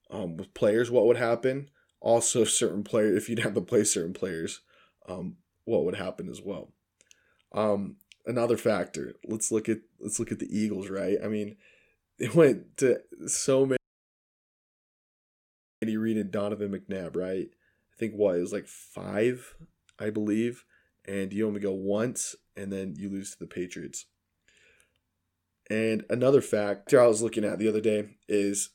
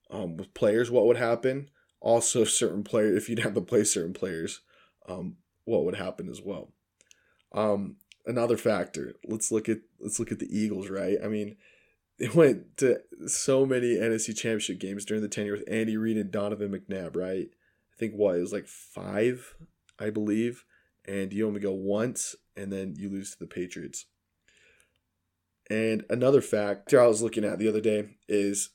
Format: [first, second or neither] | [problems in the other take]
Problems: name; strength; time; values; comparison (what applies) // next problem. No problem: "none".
second | audio cutting out; at 14 s for 2 s